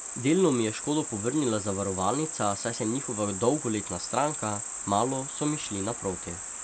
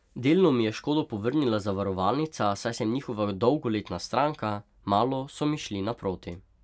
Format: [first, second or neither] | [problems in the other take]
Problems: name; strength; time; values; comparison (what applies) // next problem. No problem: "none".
second | background sound (Cricket); 6 dB below the speech